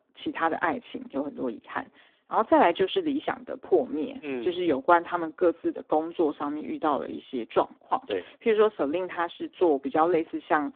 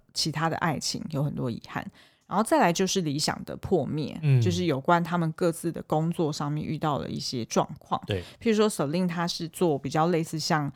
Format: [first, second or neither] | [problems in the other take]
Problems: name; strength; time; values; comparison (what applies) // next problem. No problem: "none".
second | phone-call audio; poor line; nothing above 3.5 kHz